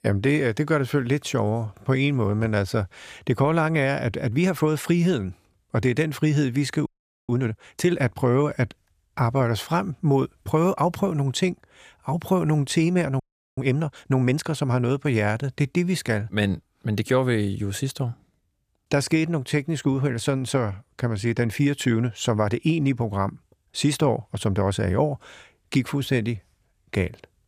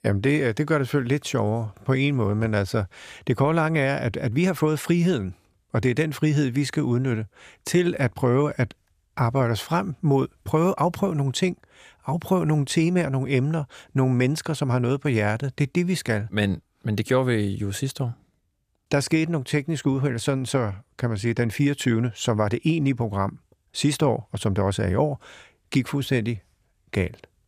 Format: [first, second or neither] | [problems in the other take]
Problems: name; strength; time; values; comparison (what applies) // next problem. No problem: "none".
second | audio freezing; at 7 s and at 13 s